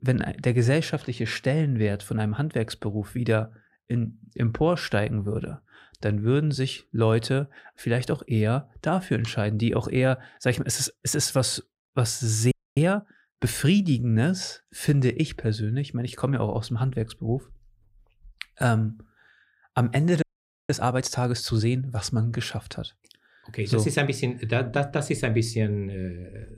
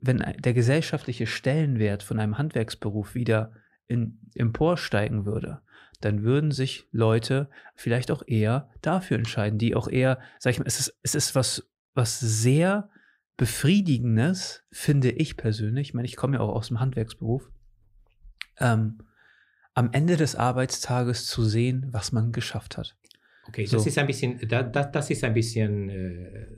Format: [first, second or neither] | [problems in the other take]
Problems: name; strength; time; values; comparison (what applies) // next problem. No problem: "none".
second | audio freezing; at 13 s and at 20 s